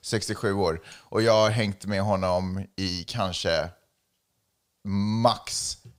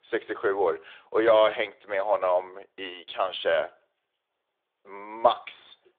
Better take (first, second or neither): first